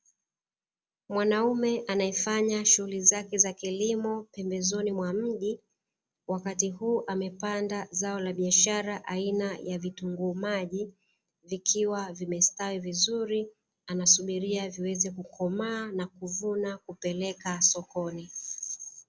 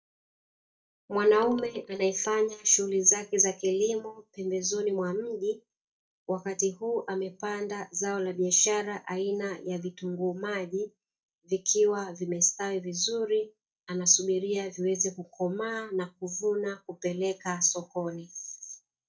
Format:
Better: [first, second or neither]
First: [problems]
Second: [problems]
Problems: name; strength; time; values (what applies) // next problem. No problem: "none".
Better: first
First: none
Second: noise reduction (neural mask model DeepFilterNet 3)